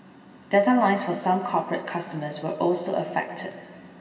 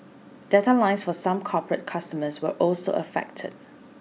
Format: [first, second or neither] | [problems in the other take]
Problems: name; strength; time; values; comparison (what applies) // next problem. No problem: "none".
second | room echo; dies away in 2.6 s